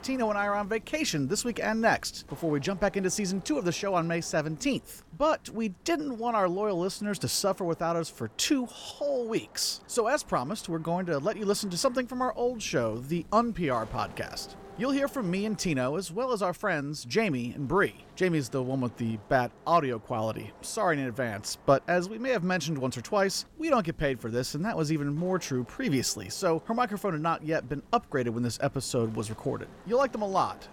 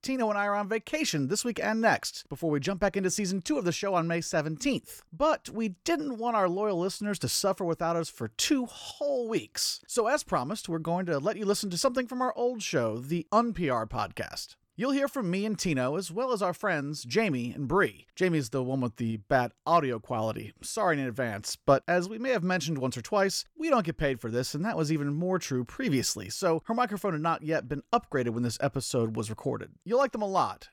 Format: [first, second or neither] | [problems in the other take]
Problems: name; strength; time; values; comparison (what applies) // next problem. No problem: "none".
second | wind noise on the microphone; occasional gusts; 25 dB below the speech